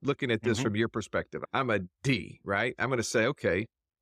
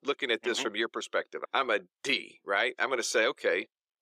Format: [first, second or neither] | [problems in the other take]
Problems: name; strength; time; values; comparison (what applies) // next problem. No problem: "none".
first | thin; somewhat; fading below 400 Hz